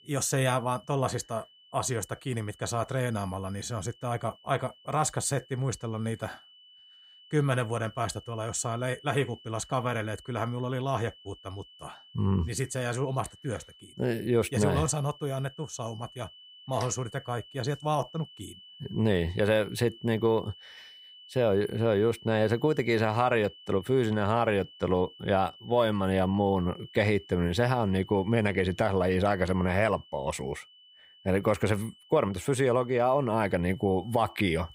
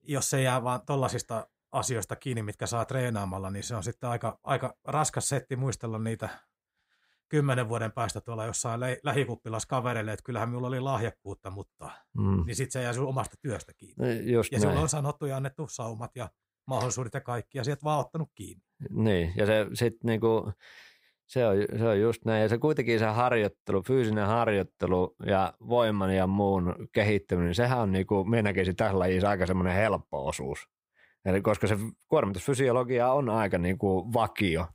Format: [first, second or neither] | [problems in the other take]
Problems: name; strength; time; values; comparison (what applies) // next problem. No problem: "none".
second | high-pitched whine; faint; throughout; 3 kHz, 20 dB below the speech